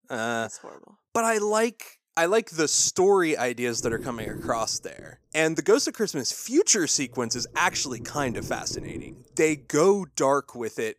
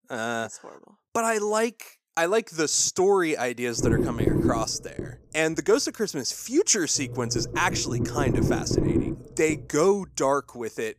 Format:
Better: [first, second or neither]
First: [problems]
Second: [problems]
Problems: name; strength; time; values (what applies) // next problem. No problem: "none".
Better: first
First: low rumble; faint; from 4 s on; 20 dB below the speech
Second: low rumble; loud; from 4 s on; 6 dB below the speech